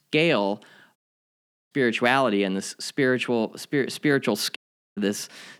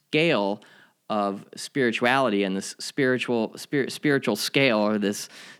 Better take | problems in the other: second | audio cutting out; at 1 s for 1 s and at 4.5 s

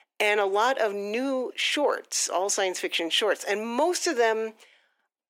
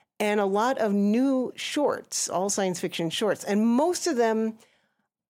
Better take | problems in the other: second | thin; somewhat; fading below 300 Hz

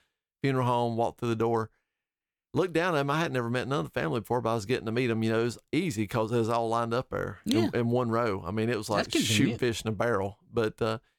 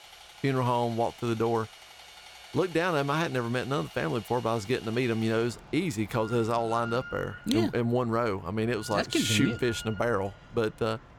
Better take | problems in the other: first | machinery noise; noticeable; throughout; 15 dB below the speech

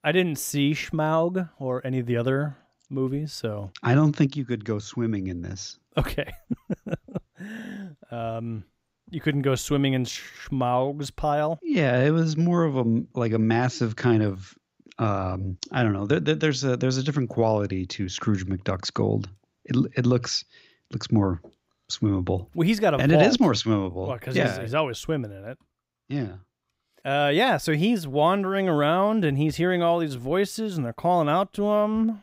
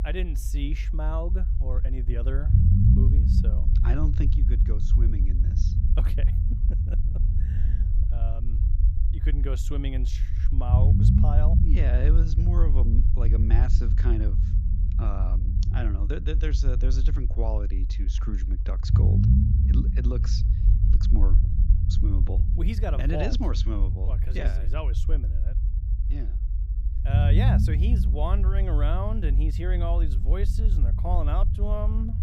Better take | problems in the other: first | low rumble; loud; throughout; 4 dB below the speech

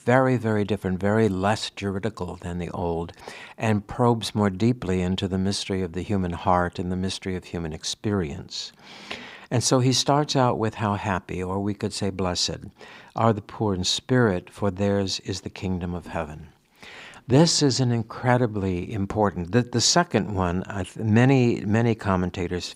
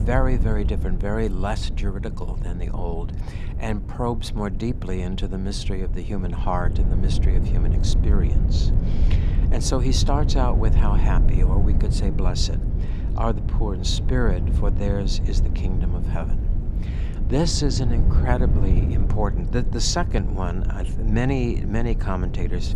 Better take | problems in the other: first | low rumble; loud; throughout; 8 dB below the speech

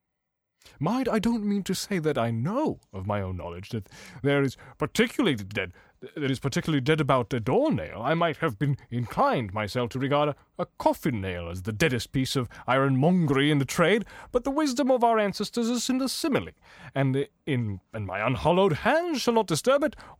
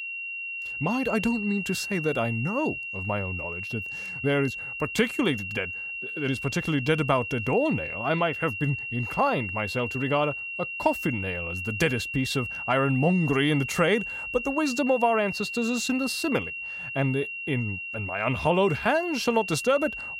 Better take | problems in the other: first | high-pitched whine; loud; throughout; 2.5 kHz, 5 dB below the speech

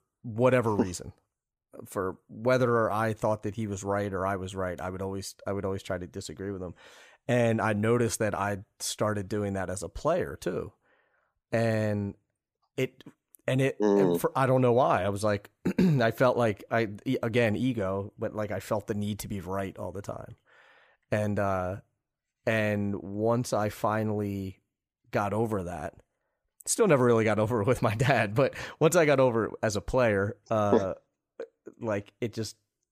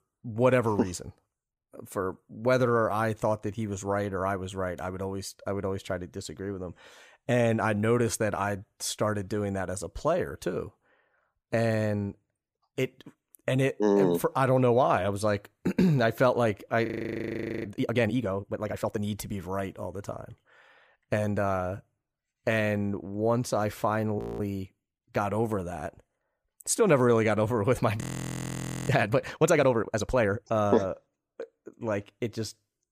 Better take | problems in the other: first | audio freezing; at 17 s for 1 s, at 24 s and at 28 s for 1 s

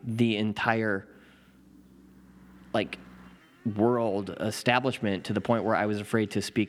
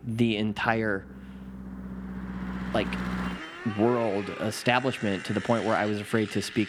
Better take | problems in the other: first | traffic noise; loud; throughout; 10 dB below the speech; faint in the first

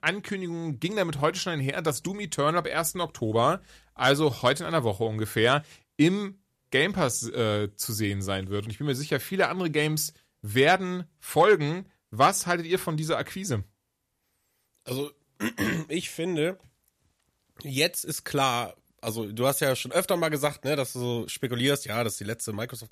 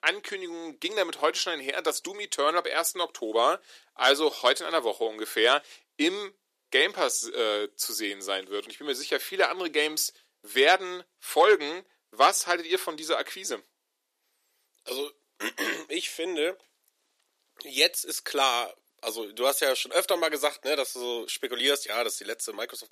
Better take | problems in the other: first | thin; somewhat; fading below 350 Hz

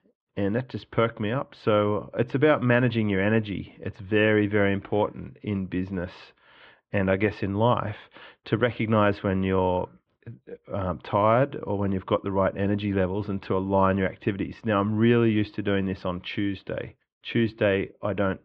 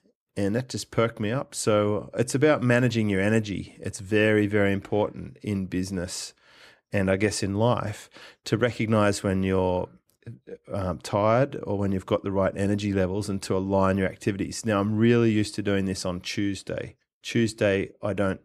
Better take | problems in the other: second | muffled; very; fading above 3.5 kHz

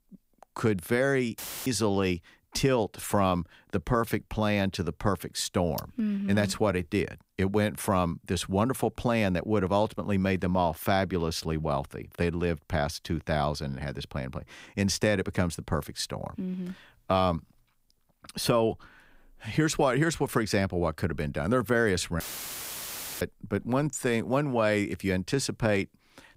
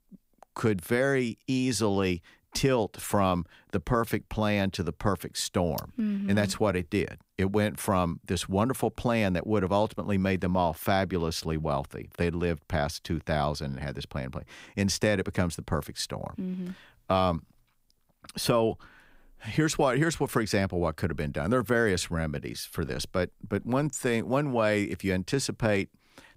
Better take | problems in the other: second | audio cutting out; filled with static; at 1.5 s and at 22 s for 1 s

